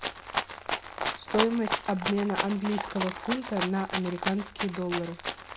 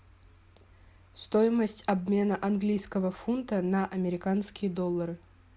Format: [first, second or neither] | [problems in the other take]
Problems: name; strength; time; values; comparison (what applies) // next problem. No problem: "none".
second | background sound (Rattle (instrument)); 3 dB below the speech